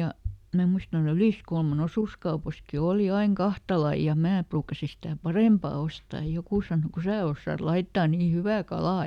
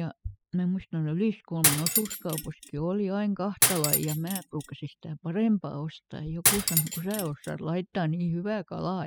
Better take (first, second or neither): first